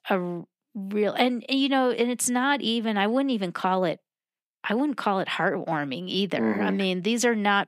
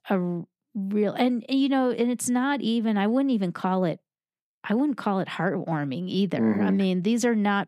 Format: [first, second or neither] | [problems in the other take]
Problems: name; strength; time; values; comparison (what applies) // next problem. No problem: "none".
second | thin; very slightly; fading below 500 Hz